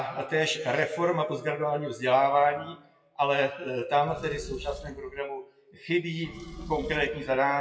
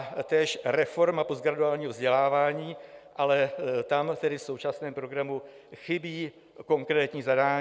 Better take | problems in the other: second | noise reduction (classical method WPE with log-MMSE)

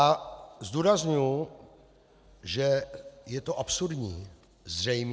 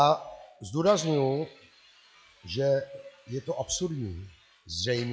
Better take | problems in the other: first | noise reduction (classical method log-MMSE)

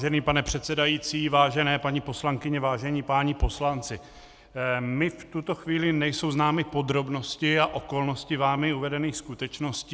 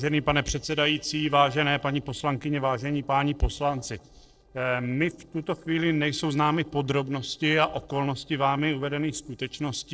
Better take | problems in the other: first | noise reduction (neural separator model SepFormer DNS4)

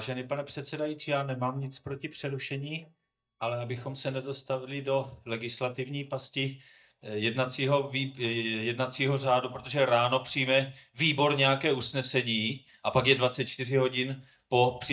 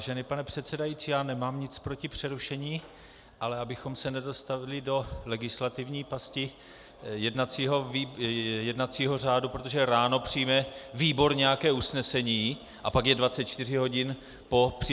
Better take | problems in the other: second | noise reduction (neural mask model DeepFilterNet 3)

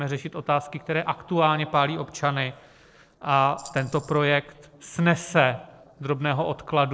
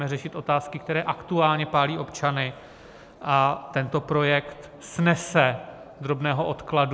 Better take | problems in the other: second | noise reduction (neural separator model SepFormer DNS4)

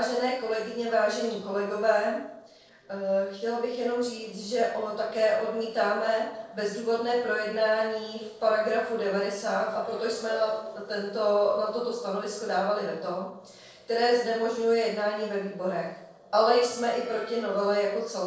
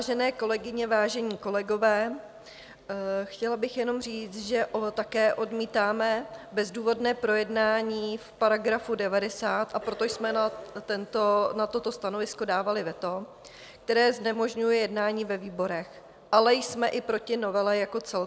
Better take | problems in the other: second | noise reduction (neural separator model SepFormer DNS4)

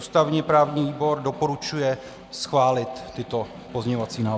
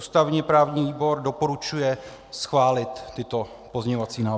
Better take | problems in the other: second | background sound (Snare drum); 19 dB below the speech

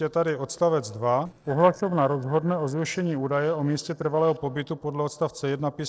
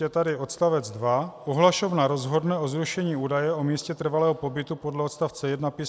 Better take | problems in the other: second | noise reduction (neural separator model SepFormer DNS4)

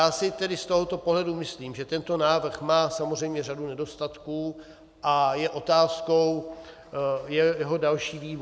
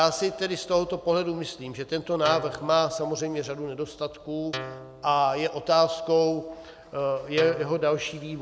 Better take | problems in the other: first | background sound (Guitar); 12 dB below the speech

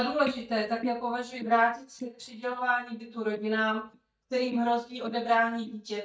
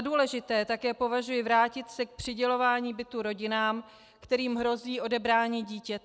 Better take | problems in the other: second | noise reduction (neural mask model DeepFilterNet 3)

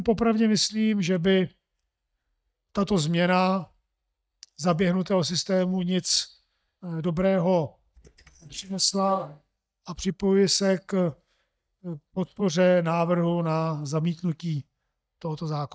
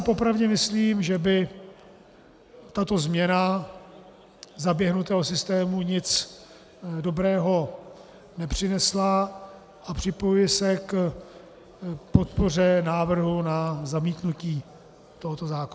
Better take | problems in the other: second | noise reduction (neural mask model DeepFilterNet 3)

